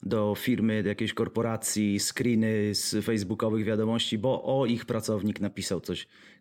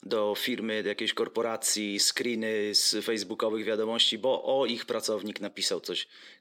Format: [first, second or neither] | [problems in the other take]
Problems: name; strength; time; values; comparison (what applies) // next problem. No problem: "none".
first | thin; somewhat; fading below 400 Hz